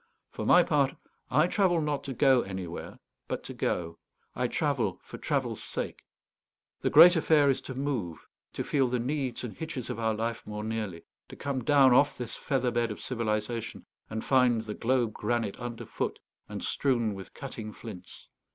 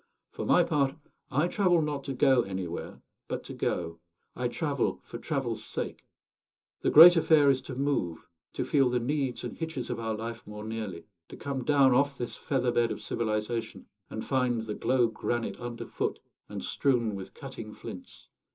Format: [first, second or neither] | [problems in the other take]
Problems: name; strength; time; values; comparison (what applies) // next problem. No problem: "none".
first | room echo; dies away in 0.2 s